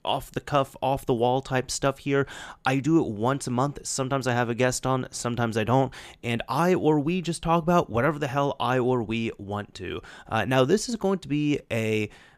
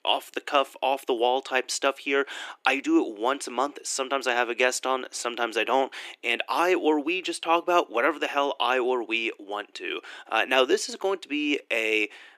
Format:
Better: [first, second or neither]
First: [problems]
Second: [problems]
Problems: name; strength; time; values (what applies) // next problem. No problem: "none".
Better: first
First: none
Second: thin; somewhat; fading below 300 Hz